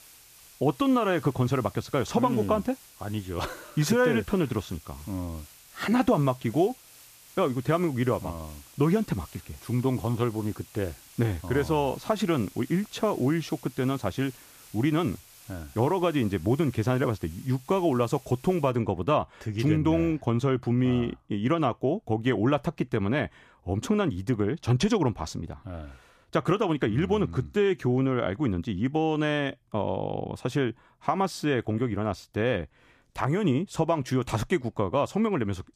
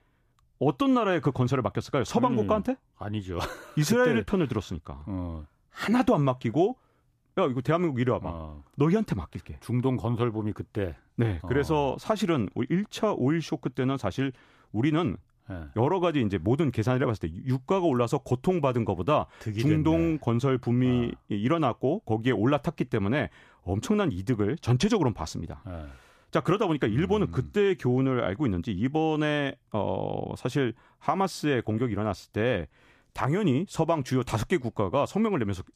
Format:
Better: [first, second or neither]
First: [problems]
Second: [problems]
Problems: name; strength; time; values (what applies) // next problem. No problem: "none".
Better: second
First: hiss; faint; until 19 s; 20 dB below the speech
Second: none